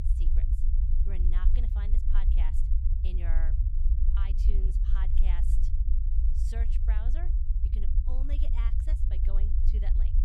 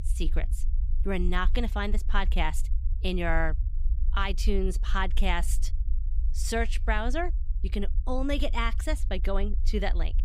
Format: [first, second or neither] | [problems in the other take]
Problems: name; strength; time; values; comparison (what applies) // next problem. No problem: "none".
second | low rumble; loud; throughout; 1 dB below the speech; faint in the second